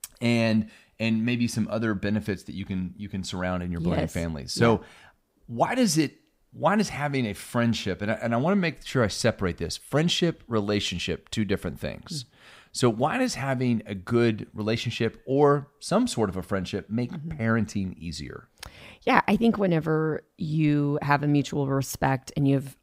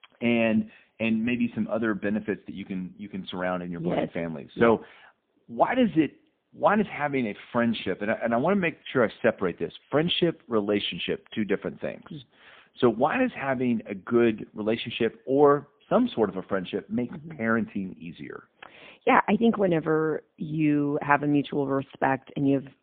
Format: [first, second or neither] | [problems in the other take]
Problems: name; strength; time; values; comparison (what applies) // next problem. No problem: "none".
first | phone-call audio; poor line